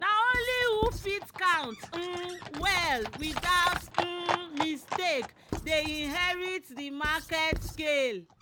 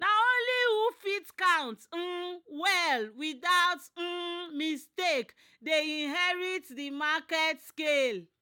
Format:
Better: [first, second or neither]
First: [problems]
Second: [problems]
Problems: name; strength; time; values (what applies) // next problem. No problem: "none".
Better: second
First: background sound (Livestock, farm animals, working animals + Squeak / Writing); 8 dB below the speech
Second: none